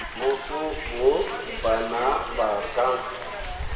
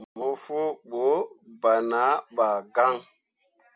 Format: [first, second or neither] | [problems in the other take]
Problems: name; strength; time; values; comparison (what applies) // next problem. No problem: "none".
second | background sound (Hiss); 6 dB below the speech // room echo; dies away in 1.5 s